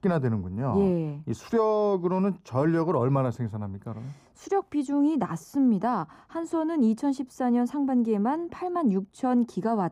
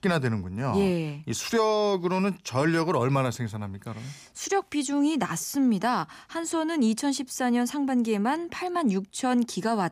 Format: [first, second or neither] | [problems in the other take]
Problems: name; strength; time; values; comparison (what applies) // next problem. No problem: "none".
second | muffled; slightly; fading above 1.5 kHz